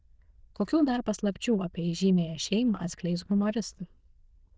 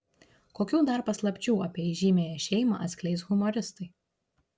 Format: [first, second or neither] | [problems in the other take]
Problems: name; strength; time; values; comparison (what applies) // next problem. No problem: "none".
second | noise reduction (neural diffusion model UNIVERSE++)